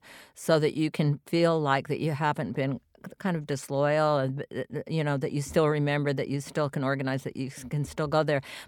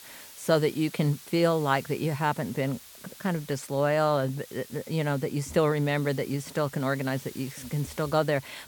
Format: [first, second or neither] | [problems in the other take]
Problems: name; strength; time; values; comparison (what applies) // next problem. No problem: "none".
first | hiss; noticeable; throughout; 20 dB below the speech